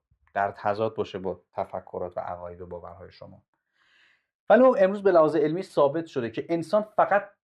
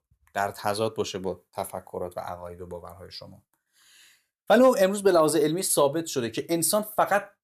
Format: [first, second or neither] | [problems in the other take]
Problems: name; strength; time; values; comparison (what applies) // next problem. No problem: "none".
second | muffled; very; fading above 2 kHz